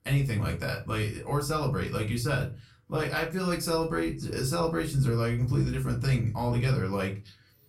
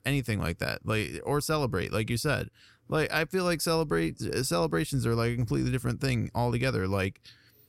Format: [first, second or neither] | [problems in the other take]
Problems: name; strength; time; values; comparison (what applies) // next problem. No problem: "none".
second | off-mic speech; far // room echo; very slight; dies away in 0.3 s